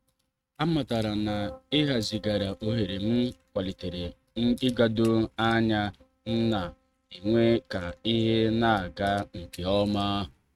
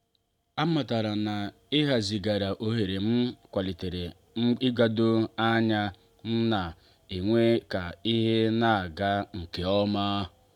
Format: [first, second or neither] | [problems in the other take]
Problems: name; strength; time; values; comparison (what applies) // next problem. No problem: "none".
second | noise reduction (neural mask model RNNoise)